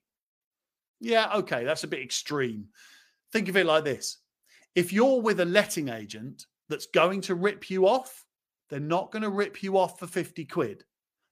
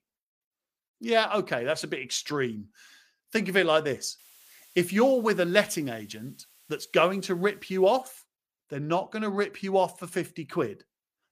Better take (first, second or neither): first